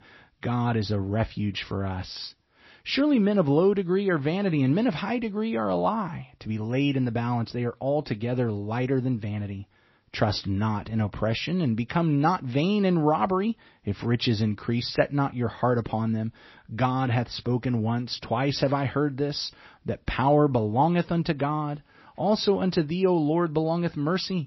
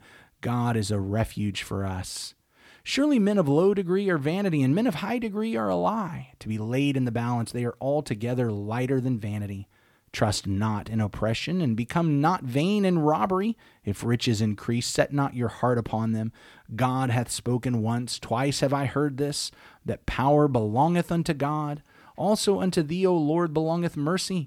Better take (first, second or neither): second